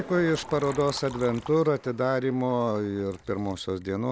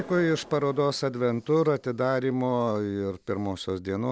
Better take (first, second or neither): second